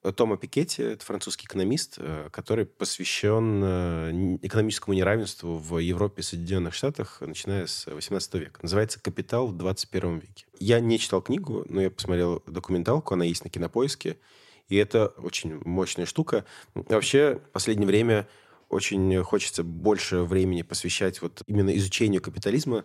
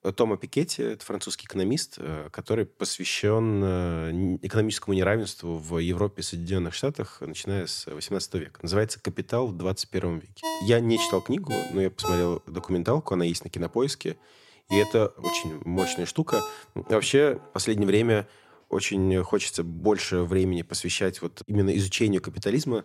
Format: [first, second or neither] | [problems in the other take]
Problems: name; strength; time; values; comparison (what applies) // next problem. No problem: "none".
first | phone ringing; noticeable; from 10 to 17 s; peak 5 dB below the speech